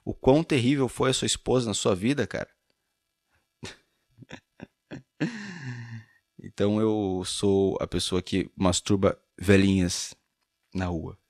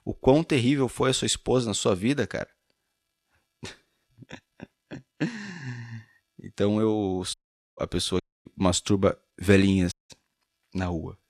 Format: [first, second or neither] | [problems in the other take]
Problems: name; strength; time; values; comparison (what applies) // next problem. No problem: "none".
first | audio cutting out; at 7.5 s, at 8 s and at 10 s